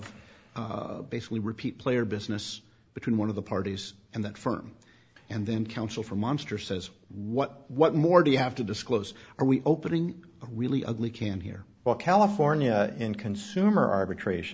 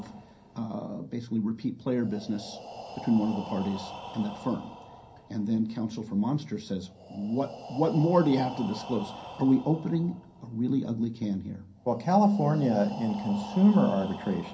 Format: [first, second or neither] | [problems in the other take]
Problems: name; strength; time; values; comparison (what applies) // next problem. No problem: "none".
first | background sound (Breathing); 16 dB below the speech // room echo; dies away in 0.3 s